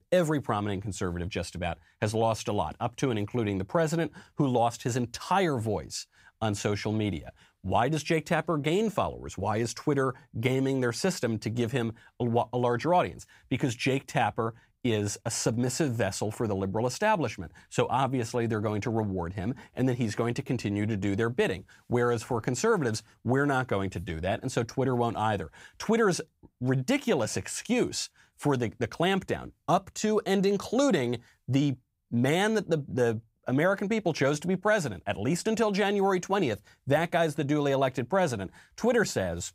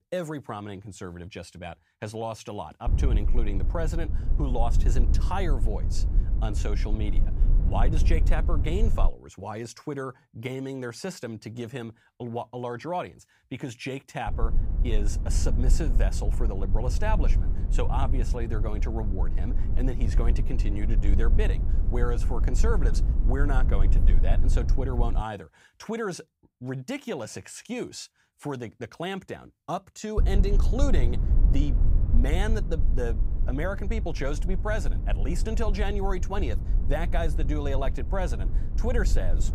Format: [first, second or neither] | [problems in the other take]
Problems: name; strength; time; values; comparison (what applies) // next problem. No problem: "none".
first | low rumble; noticeable; from 3 to 9 s, from 14 to 25 s and from 30 s on; 10 dB below the speech